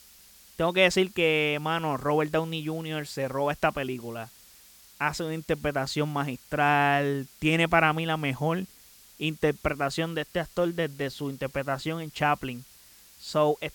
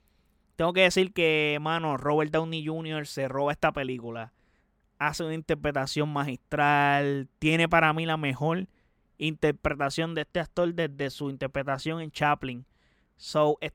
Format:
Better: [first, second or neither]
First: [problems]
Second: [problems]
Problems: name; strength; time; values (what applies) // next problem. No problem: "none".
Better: second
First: hiss; faint; throughout; 25 dB below the speech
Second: none